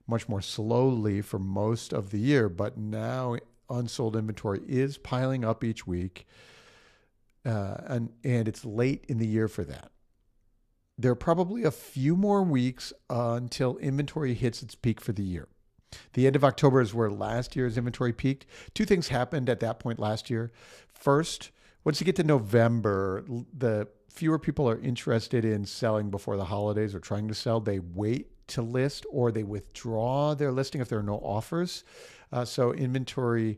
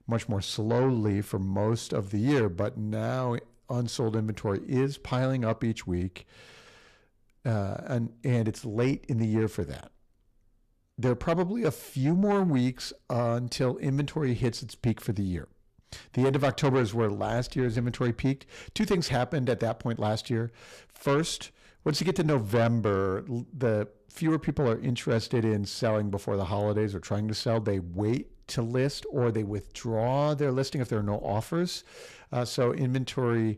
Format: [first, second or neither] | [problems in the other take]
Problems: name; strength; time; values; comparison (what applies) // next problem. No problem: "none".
first | distortion; slight; 10 dB below the speech